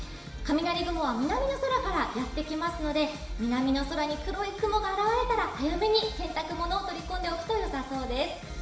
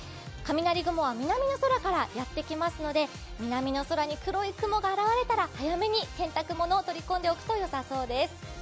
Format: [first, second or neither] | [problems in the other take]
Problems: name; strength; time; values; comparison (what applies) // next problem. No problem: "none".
second | room echo; dies away in 0.7 s